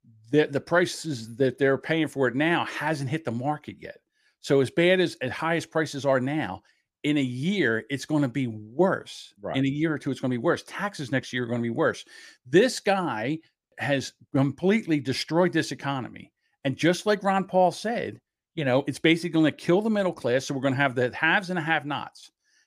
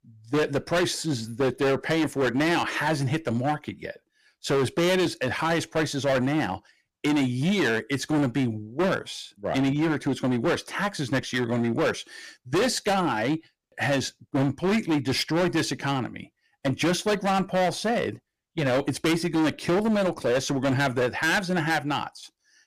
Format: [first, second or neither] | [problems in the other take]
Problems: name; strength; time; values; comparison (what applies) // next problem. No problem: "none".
first | distortion; heavy; 16% of the sound clipped